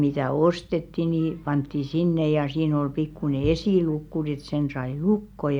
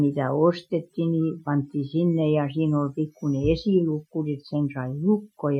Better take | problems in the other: first | noise reduction (classical method Wiener filter)

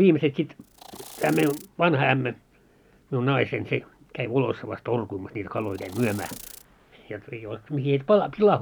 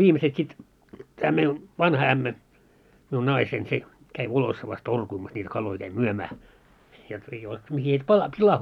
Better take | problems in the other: second | background sound (Insect); 18 dB below the speech

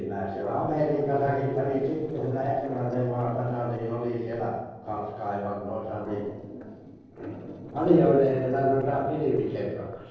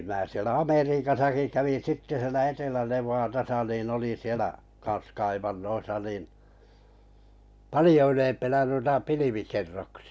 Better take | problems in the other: second | noise reduction (neural separator model SepFormer DNS4)

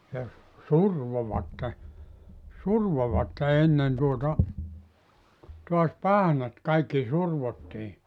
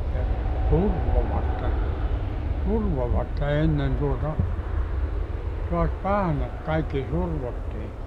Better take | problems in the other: first | background sound (Aircraft); 3 dB above the speech

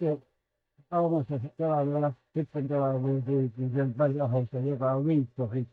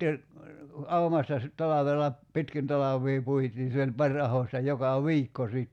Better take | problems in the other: second | noise reduction (neural mask model DeepFilterNet 3)

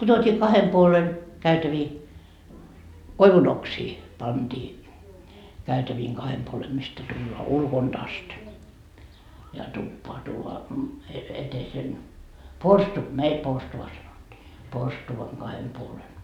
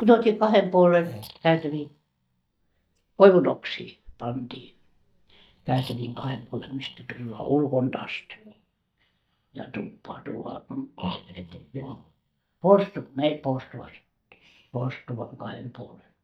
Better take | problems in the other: first | noise reduction (neural mask model DeepFilterNet 3)

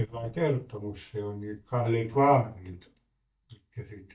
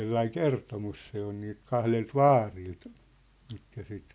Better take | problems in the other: second | noise reduction (neural mask model DeepFilterNet 3)

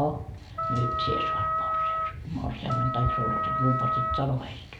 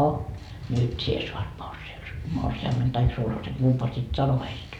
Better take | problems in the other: second | background sound (Wind instrument, woodwind instrument); 2 dB above the speech

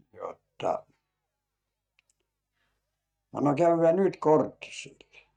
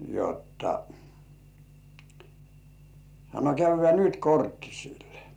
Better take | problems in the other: second | noise reduction (neural mask model DeepFilterNet 3)

